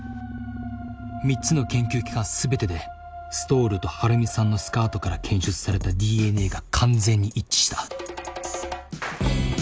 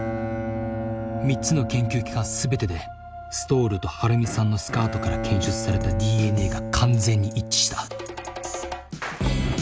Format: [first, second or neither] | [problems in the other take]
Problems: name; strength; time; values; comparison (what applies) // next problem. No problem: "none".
first | background sound (Bowed string instrument); 8 dB below the speech